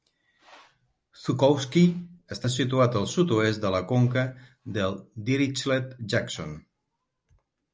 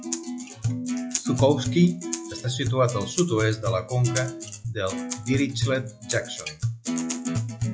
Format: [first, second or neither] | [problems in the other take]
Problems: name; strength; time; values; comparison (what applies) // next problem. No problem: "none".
first | noise reduction (classical method log-MMSE)